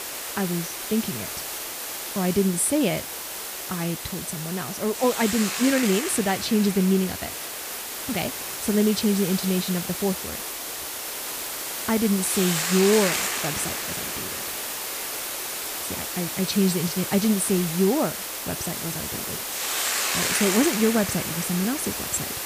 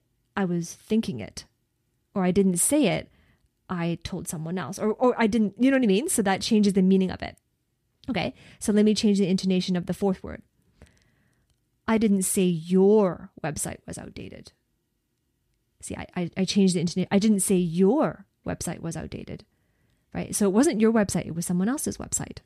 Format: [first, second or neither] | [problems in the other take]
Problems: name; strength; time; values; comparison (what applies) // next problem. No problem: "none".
second | hiss; loud; throughout; 3 dB below the speech